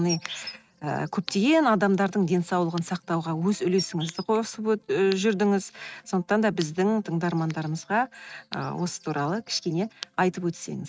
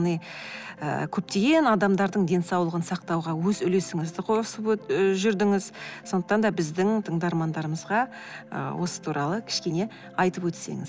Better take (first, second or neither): second